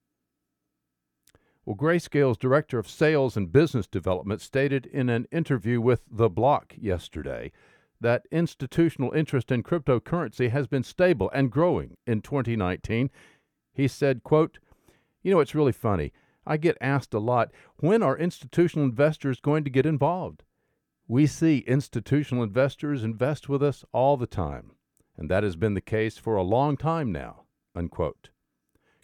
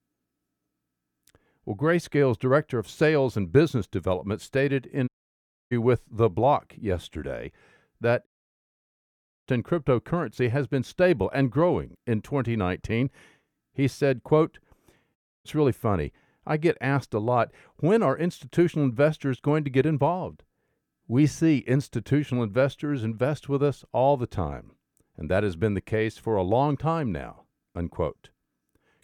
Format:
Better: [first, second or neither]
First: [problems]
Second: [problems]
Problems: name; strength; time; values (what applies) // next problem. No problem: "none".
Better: first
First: none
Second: audio cutting out; at 5 s for 0.5 s, at 8.5 s for 1 s and at 15 s